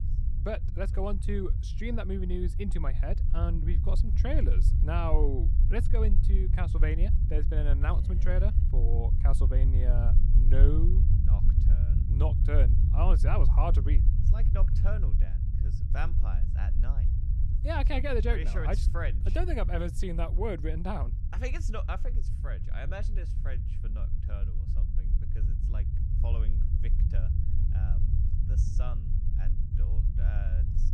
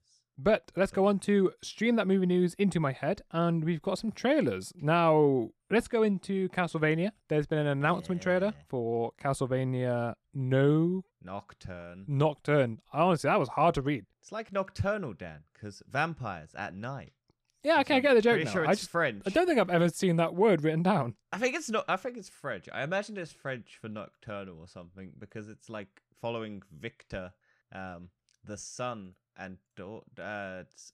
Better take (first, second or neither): second